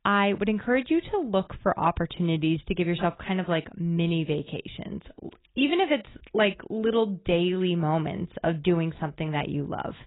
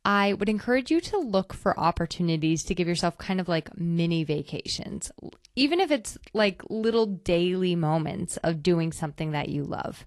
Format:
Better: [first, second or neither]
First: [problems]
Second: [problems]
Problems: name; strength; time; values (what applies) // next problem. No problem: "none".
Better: second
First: garbled, watery; badly; nothing above 3.5 kHz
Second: garbled, watery; slightly; nothing above 11 kHz